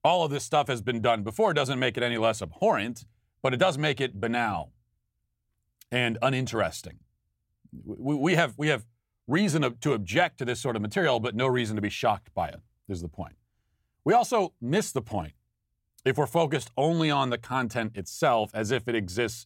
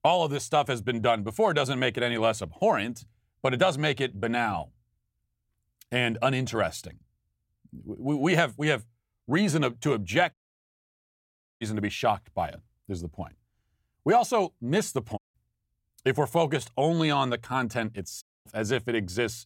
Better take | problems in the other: first | audio cutting out; at 10 s for 1.5 s, at 15 s and at 18 s

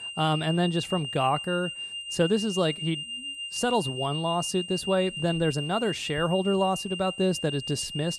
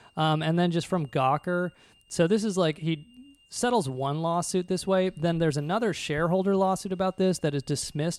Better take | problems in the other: second | high-pitched whine; loud; throughout; 3 kHz, 6 dB below the speech; faint in the second

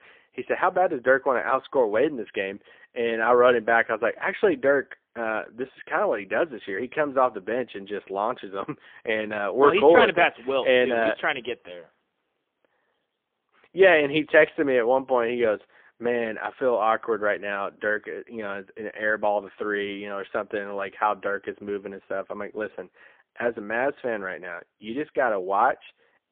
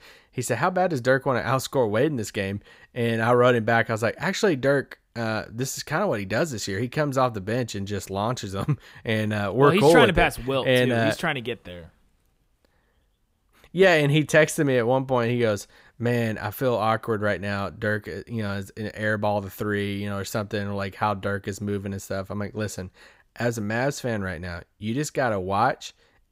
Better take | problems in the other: second | phone-call audio; poor line; nothing above 3.5 kHz

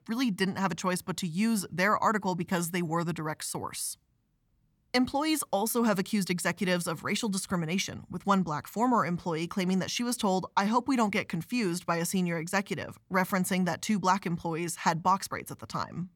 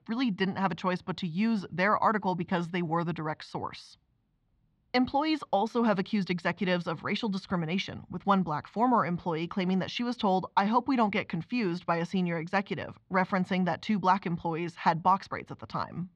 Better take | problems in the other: first | muffled; slightly; fading above 4 kHz

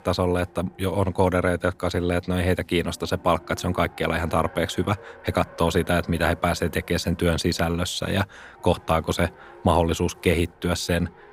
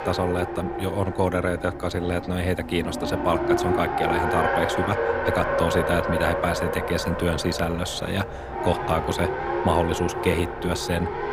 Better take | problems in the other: first | traffic noise; loud; throughout; 1 dB below the speech; faint in the first

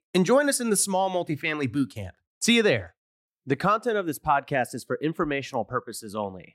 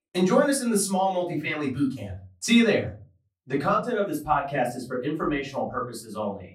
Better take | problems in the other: first | off-mic speech; far // room echo; slight; dies away in 0.3 s

